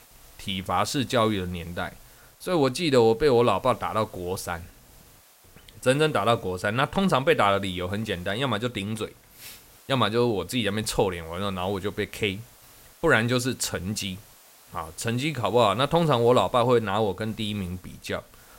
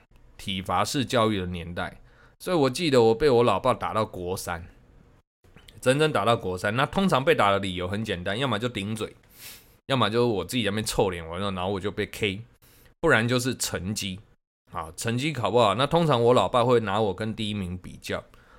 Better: second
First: hiss; faint; throughout; 25 dB below the speech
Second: none

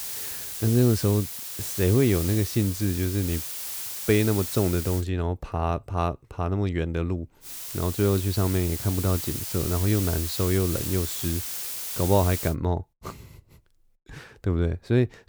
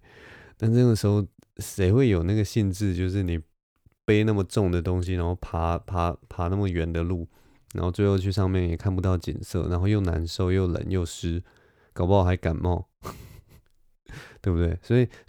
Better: second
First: hiss; loud; until 5 s and from 7.5 to 13 s; 5 dB below the speech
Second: none

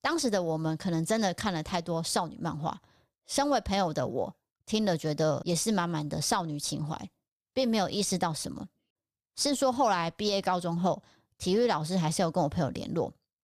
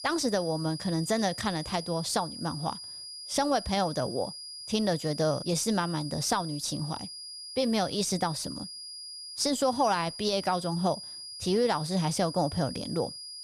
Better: first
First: none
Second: high-pitched whine; loud; throughout; 5 kHz, 10 dB below the speech

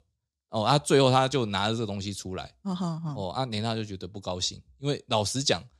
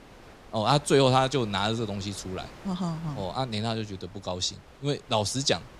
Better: first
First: none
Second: wind noise on the microphone; occasional gusts; 20 dB below the speech

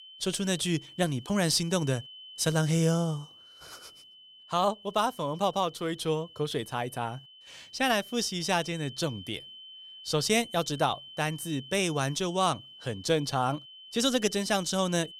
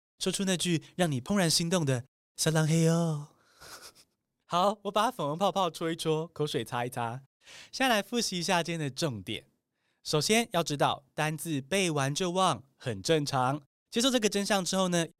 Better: second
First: high-pitched whine; noticeable; throughout; 3 kHz, 15 dB below the speech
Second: none

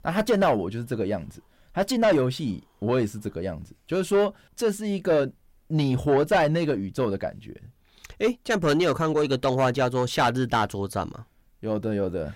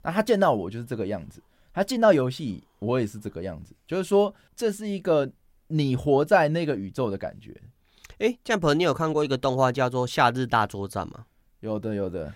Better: second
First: distortion; slight; 10 dB below the speech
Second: none

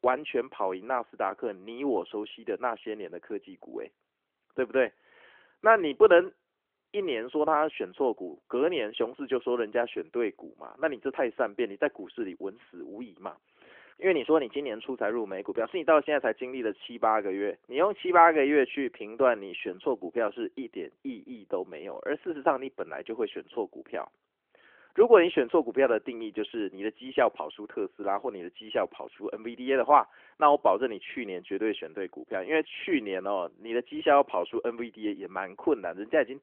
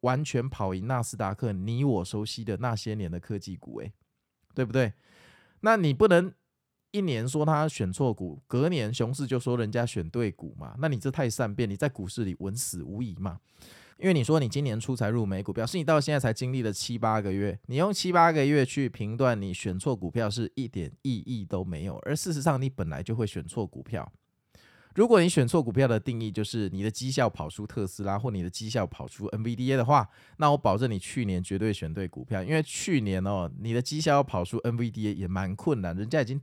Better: second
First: phone-call audio; nothing above 3.5 kHz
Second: none

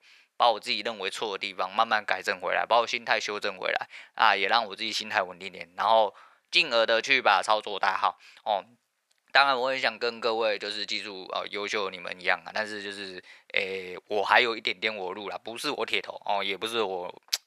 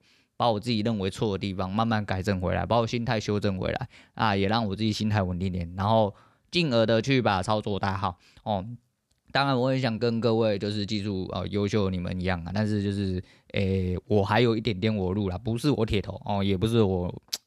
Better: second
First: thin; very; fading below 750 Hz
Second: none

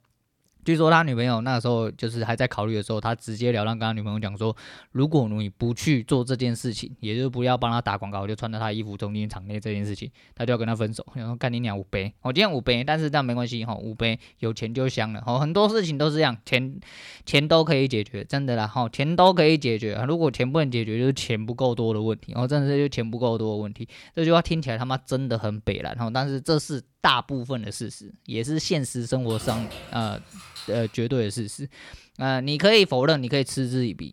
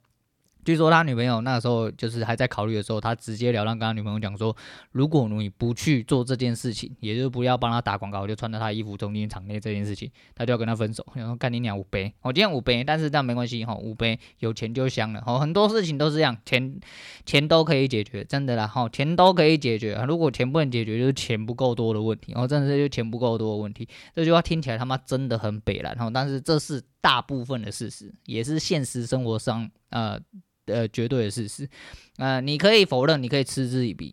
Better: second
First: jangling keys; faint; from 29 to 31 s; peak 10 dB below the speech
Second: none

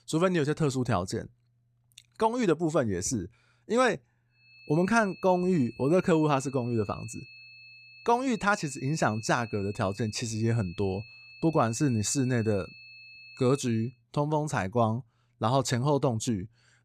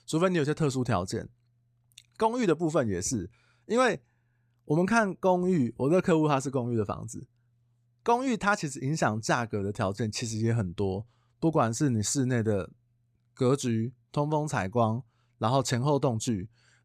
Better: second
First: high-pitched whine; noticeable; from 4.5 to 14 s; 2.5 kHz, 20 dB below the speech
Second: none

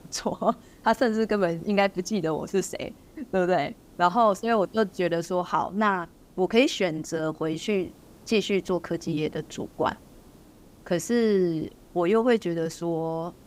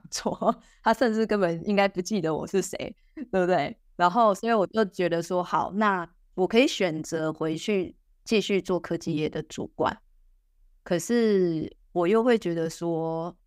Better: second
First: hiss; faint; throughout; 25 dB below the speech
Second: none

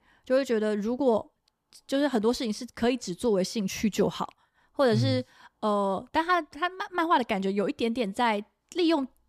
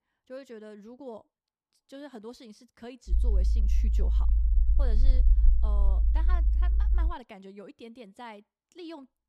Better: first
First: none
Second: low rumble; loud; from 3 to 7 s; 5 dB below the speech

